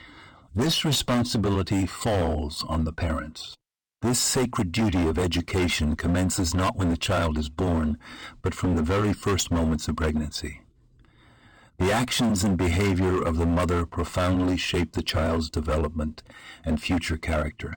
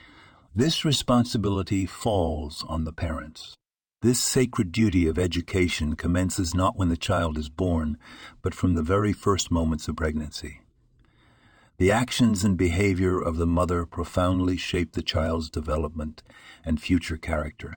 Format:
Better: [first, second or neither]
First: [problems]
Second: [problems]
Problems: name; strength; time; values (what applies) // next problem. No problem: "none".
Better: second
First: distortion; heavy; 18% of the sound clipped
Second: none